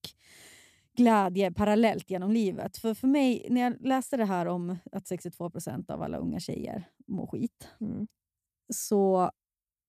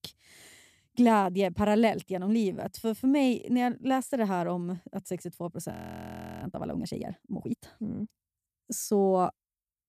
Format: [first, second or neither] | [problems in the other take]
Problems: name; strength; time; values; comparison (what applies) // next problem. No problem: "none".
first | audio freezing; at 5.5 s for 0.5 s